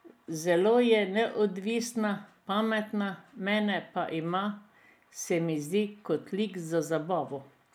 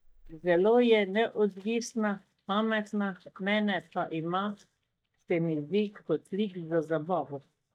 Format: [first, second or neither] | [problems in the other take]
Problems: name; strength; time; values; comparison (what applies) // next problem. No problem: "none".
first | noise reduction (neural mask model DeepFilterNet 3)